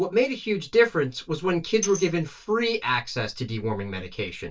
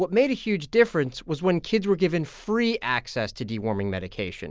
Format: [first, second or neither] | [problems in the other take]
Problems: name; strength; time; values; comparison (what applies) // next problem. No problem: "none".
second | noise reduction (neural mask model DeepFilterNet 3)